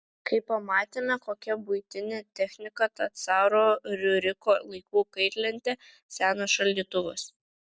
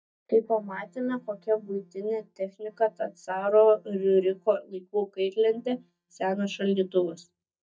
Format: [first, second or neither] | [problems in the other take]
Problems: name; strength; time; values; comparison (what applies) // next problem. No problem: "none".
first | noise reduction (neural mask model DeepFilterNet 3)